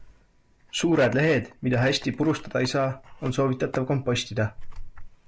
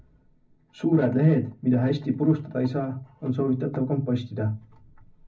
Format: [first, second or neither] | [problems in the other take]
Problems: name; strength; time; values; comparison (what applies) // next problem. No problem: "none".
first | room echo; dies away in 0.4 s